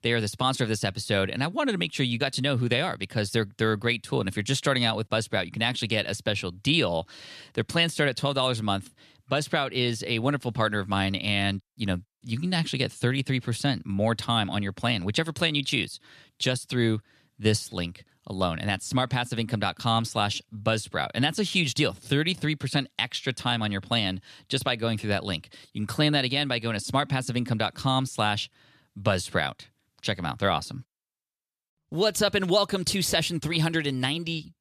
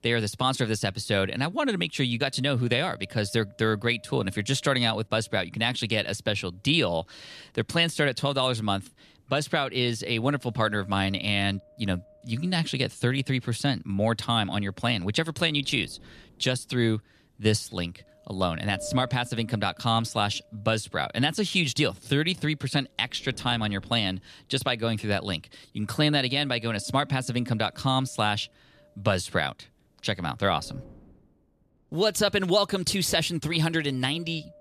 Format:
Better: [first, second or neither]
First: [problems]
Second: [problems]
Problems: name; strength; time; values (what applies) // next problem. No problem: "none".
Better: first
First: none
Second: wind noise on the microphone; occasional gusts; 25 dB below the speech